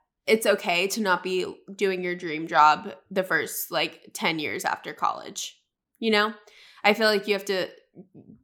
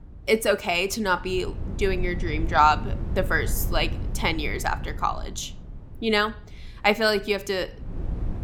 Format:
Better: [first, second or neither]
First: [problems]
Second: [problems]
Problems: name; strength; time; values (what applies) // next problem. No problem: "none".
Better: first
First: none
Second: wind noise on the microphone; occasional gusts; 20 dB below the speech